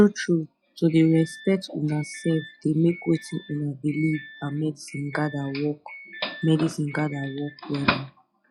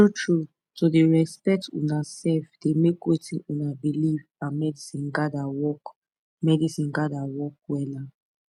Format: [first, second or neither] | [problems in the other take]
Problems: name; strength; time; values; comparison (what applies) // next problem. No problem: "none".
second | noise reduction (classical method log-MMSE)